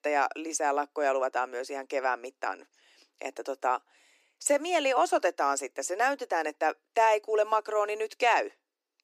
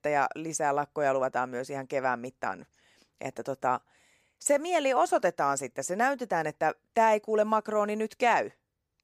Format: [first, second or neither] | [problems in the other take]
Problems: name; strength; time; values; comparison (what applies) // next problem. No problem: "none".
second | thin; very slightly; fading below 300 Hz